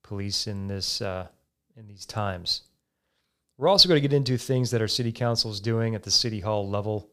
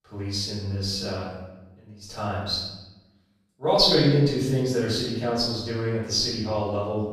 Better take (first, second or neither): first